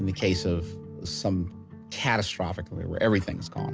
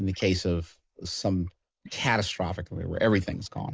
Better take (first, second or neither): first